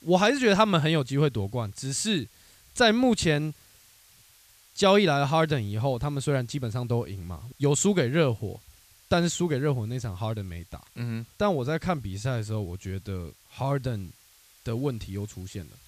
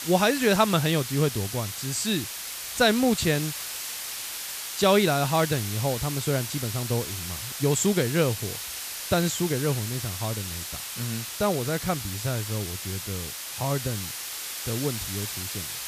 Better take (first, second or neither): first